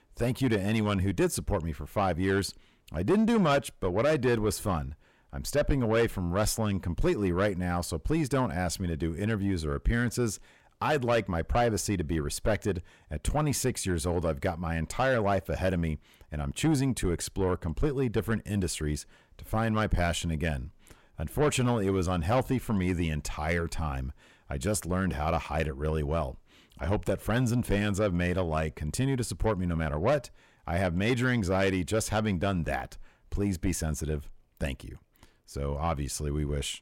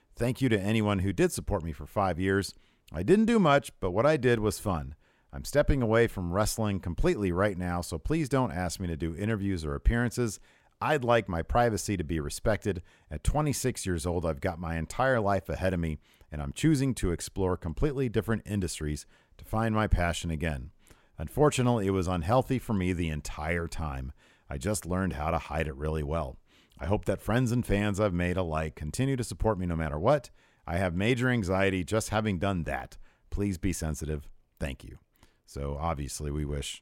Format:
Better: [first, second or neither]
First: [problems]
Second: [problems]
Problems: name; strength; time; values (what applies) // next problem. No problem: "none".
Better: second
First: distortion; slight; 10 dB below the speech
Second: none